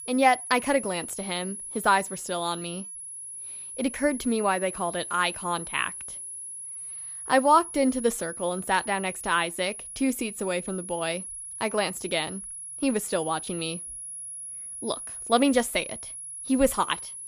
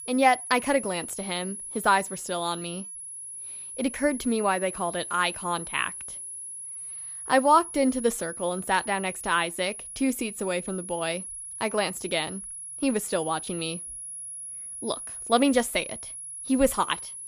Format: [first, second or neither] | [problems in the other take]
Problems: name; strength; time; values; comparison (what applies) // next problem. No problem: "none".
neither | high-pitched whine; loud; throughout; 10.5 kHz, 9 dB below the speech; the same in both